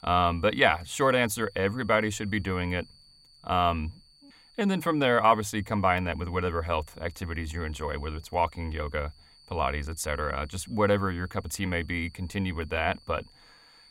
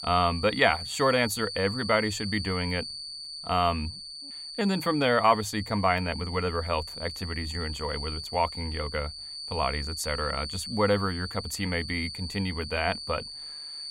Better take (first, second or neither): first